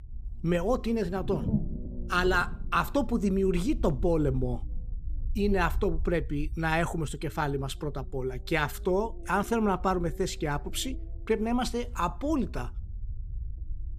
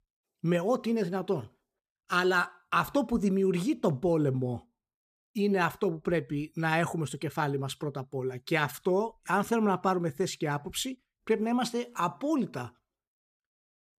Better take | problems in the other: second | low rumble; faint; throughout; 20 dB below the speech

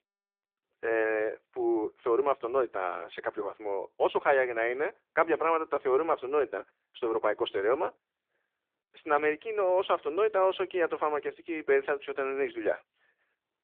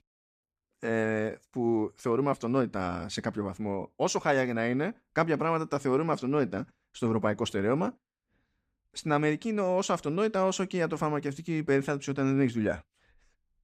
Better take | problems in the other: second | phone-call audio

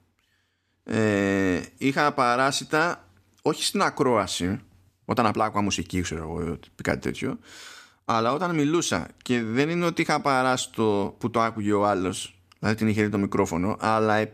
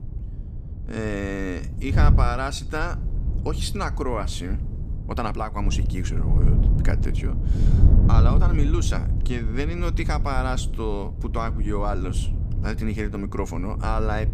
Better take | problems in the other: first | wind noise on the microphone; heavy; 9 dB below the speech

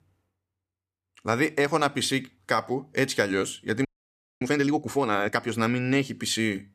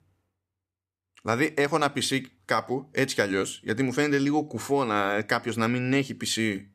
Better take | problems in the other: second | audio freezing; at 4 s for 0.5 s

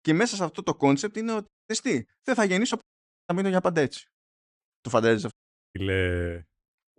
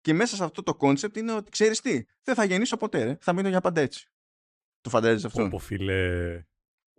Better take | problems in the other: second | audio cutting out; at 1.5 s, at 3 s and at 5.5 s

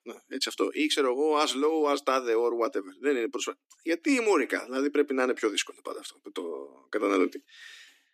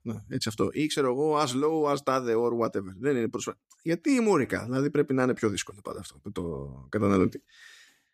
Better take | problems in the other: second | thin; very slightly; fading below 300 Hz

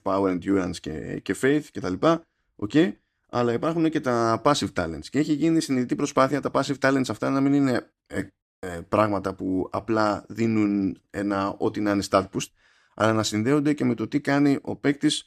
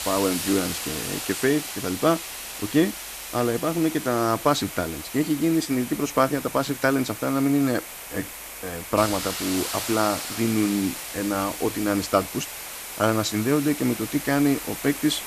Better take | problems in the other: first | hiss; loud; throughout; 7 dB below the speech

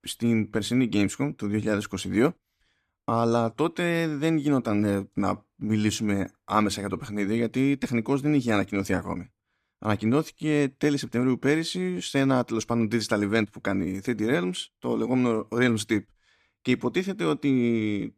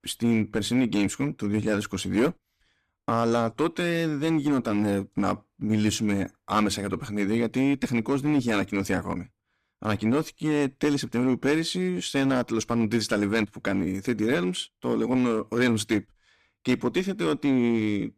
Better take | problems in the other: first | distortion; slight; 5% of the sound clipped

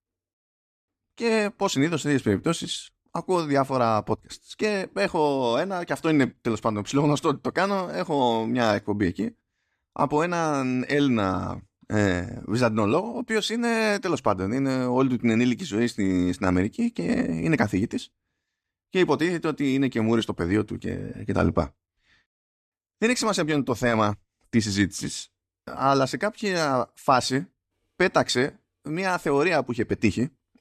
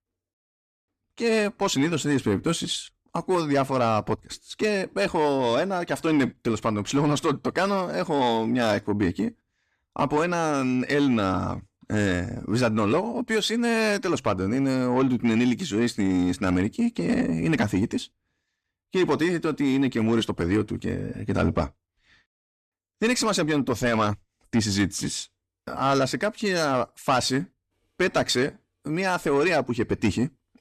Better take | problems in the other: first | distortion; slight; 10 dB below the speech

